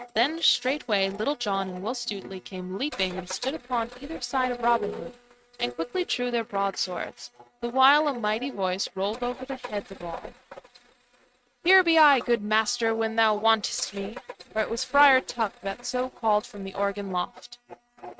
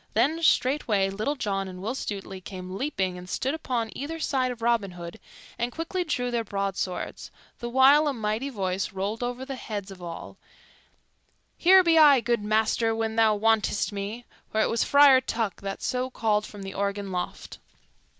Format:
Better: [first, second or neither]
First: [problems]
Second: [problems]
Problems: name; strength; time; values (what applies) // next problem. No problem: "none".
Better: second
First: noise reduction (neural mask model RNNoise)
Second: none